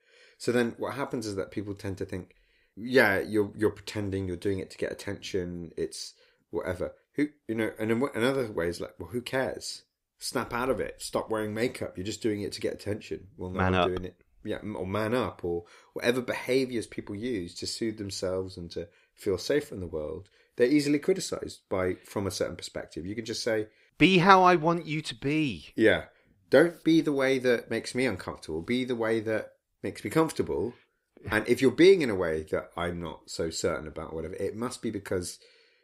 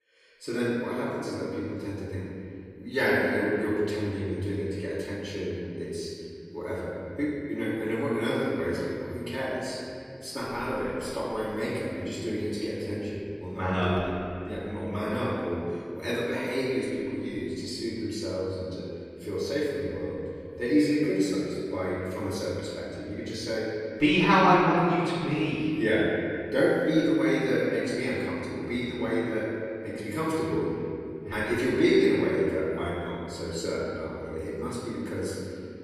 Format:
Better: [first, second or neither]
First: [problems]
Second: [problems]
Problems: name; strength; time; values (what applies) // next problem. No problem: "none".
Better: first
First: none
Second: off-mic speech; far // room echo; strong; dies away in 2.4 s